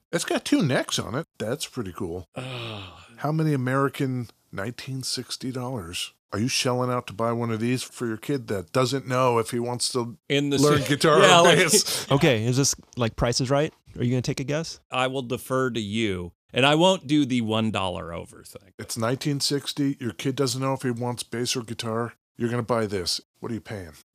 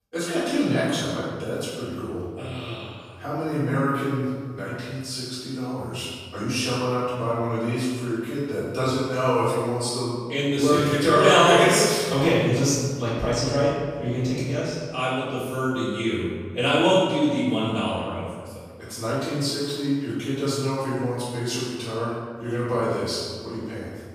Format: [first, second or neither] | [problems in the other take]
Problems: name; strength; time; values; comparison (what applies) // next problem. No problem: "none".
first | room echo; strong; dies away in 1.5 s // off-mic speech; far